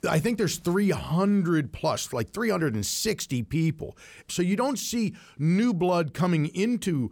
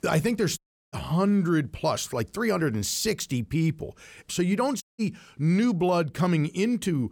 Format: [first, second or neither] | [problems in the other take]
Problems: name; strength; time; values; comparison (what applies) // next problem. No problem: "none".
first | audio cutting out; at 0.5 s and at 5 s